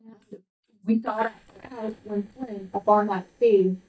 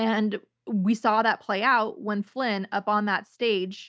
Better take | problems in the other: second | noise reduction (neural mask model DeepFilterNet 3)

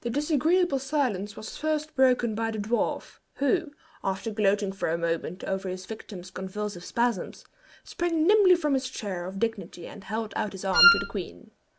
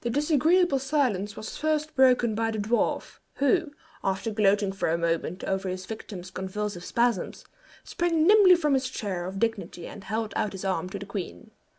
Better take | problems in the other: second | background sound (Wind instrument, woodwind instrument); 5 dB above the speech

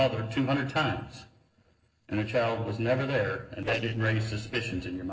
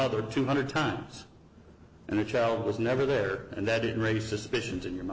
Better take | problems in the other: second | noise reduction (neural separator model SepFormer DNS4)

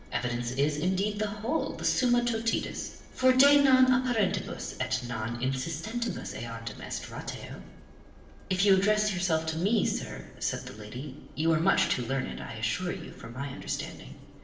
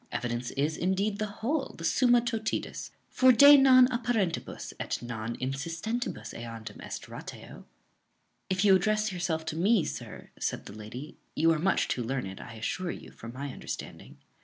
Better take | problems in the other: second | background sound (Engine); 19 dB below the speech // room echo; dies away in 0.9 s

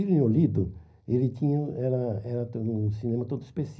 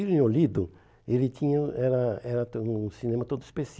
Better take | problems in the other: second | room echo; dies away in 0.5 s

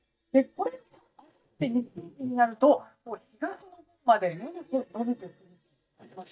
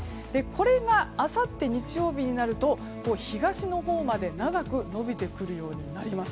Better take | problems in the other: second | noise reduction (neural mask model DeepFilterNet 3)

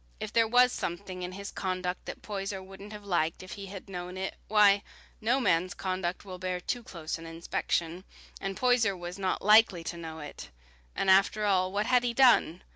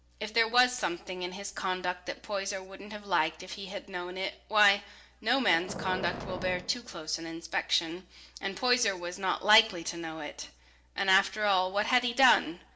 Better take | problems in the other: first | background sound (Boom); 10 dB below the speech // room echo; dies away in 0.4 s

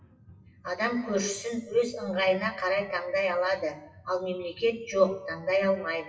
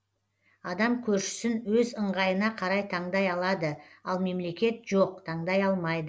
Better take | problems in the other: second | noise reduction (classical method WPE with log-MMSE)

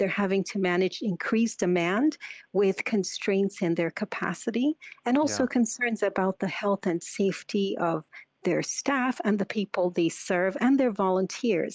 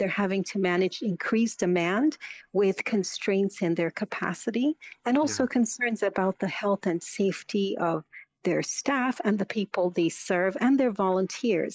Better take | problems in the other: first | noise reduction (neural mask model Resemble Enhance denoiser)

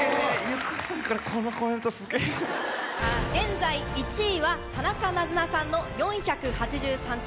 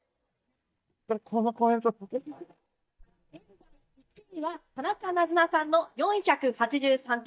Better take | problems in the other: first | noise reduction (neural mask model DeepFilterNet 3)

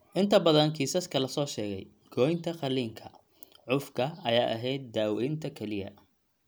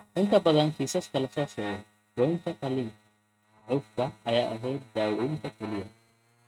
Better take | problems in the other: first | noise reduction (neural mask model RNNoise)

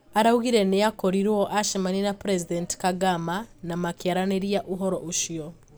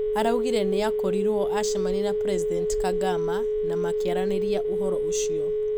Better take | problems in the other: first | background sound (Telephone); 5 dB above the speech

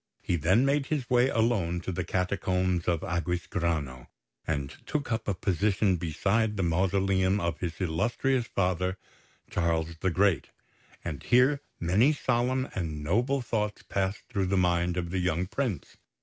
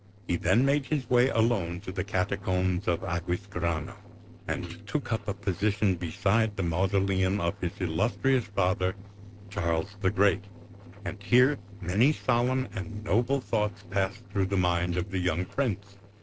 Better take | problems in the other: first | noise reduction (neural separator model SepFormer DNS4)

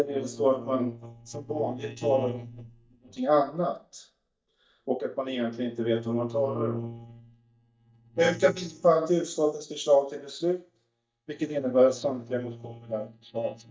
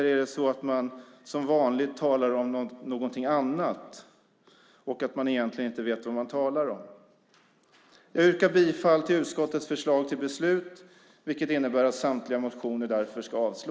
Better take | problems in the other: second | noise reduction (neural mask model DeepFilterNet 3)

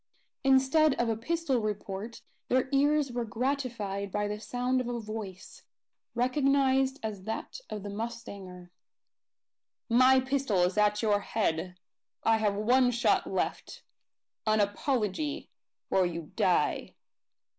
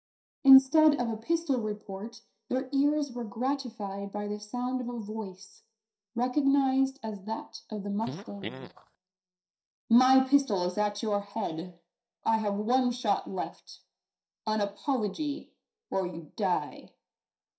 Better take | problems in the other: first | noise reduction (neural mask model DeepFilterNet 3)

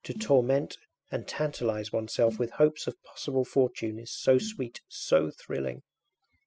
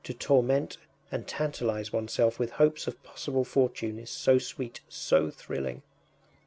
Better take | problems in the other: second | noise reduction (classical method spectral subtraction)

